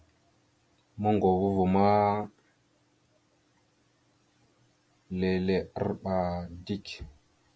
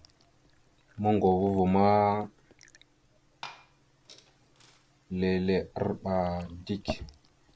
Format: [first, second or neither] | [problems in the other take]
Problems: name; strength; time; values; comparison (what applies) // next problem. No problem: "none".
first | background sound (Liquid); 18 dB below the speech